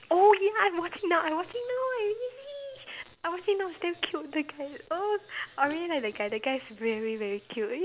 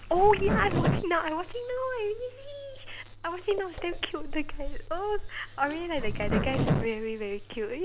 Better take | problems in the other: first | background sound (Zipper (clothing)); 2 dB below the speech

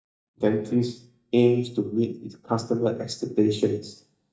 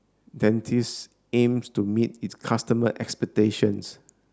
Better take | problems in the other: second | noise reduction (neural mask model DeepFilterNet 3)

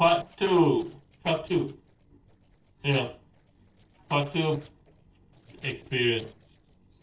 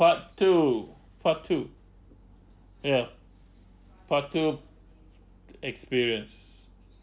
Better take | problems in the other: second | noise reduction (neural separator model SepFormer DNS4)

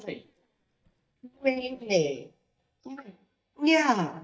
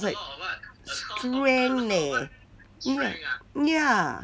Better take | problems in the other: second | noise reduction (neural mask model DeepFilterNet 3)

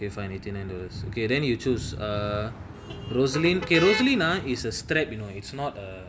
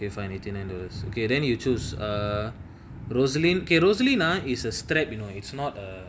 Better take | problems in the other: second | background sound (Motor vehicle (road)); 8 dB below the speech

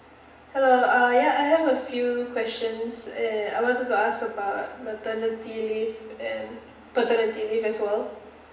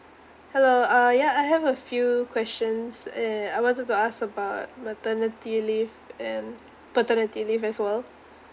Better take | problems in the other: second | room echo; dies away in 0.8 s

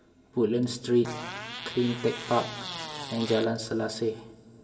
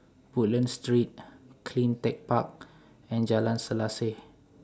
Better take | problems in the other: second | background sound (Fart); 10 dB below the speech // room echo; dies away in 1.7 s

